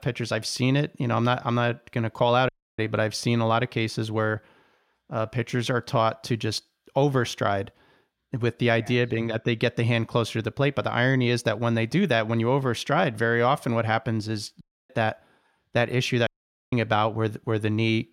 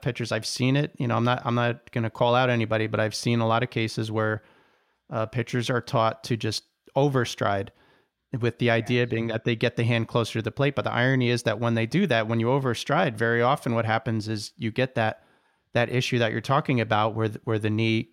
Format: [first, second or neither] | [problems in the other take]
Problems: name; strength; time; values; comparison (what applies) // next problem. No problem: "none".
second | audio cutting out; at 2.5 s, at 15 s and at 16 s